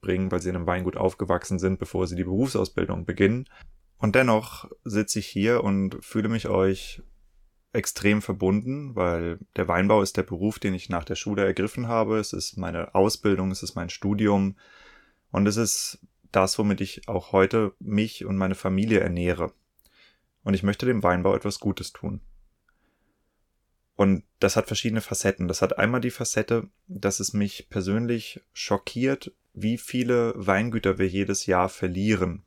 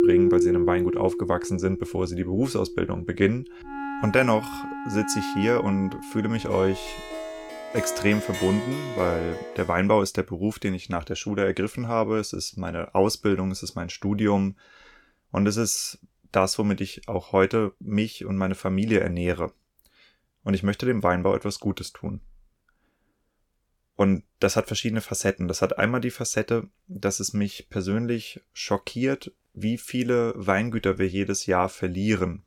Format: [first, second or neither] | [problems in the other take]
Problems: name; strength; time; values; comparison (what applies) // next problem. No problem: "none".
first | background music; loud; until 9.5 s; 4 dB below the speech